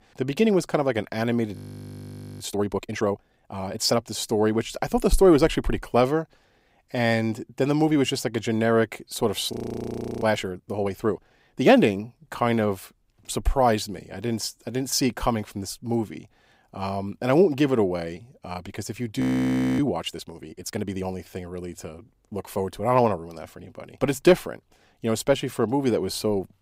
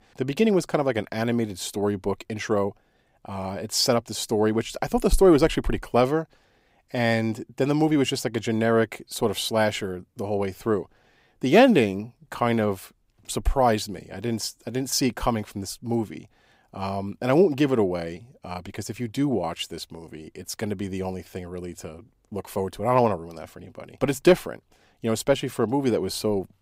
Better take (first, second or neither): second